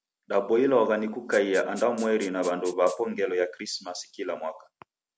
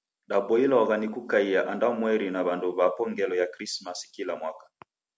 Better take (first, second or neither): second